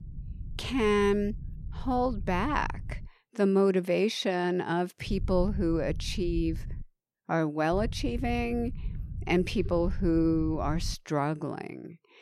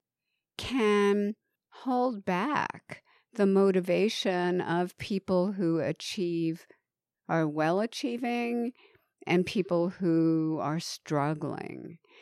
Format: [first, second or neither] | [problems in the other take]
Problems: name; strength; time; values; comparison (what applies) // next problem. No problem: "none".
second | low rumble; faint; until 3 s, from 5 to 7 s and from 7.5 to 11 s; 25 dB below the speech